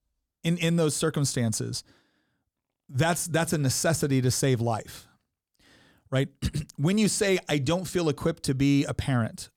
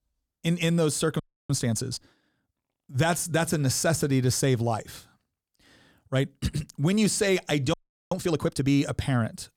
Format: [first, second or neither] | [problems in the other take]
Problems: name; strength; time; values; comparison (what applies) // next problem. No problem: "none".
first | audio freezing; at 1 s and at 7.5 s